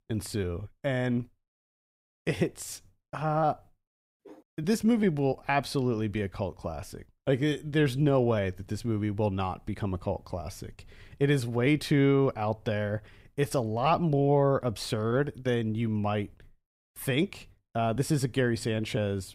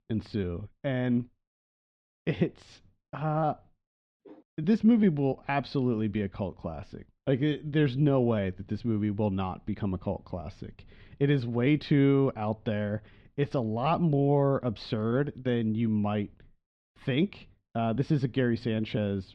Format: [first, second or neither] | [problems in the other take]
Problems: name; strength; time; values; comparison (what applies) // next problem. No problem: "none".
first | muffled; very slightly; fading above 4 kHz